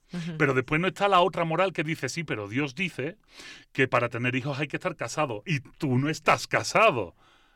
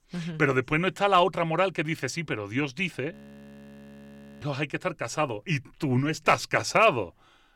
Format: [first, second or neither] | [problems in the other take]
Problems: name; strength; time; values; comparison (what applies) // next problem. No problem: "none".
first | audio freezing; at 3 s for 1.5 s